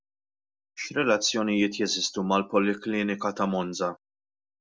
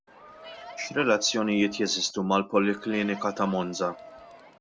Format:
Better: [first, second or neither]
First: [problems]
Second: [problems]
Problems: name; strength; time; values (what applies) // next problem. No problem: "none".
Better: first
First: none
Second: background sound (Crowd); 17 dB below the speech